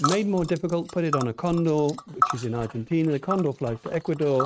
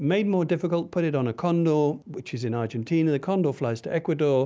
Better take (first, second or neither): second